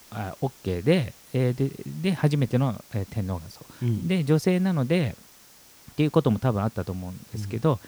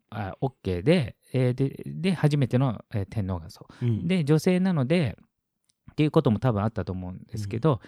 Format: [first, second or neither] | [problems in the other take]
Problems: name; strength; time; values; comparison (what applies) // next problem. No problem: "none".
second | hiss; faint; throughout; 25 dB below the speech